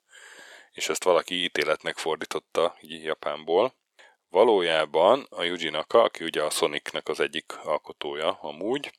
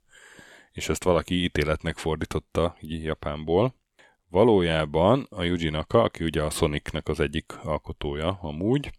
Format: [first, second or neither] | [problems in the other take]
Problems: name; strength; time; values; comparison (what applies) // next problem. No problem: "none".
second | thin; somewhat; fading below 500 Hz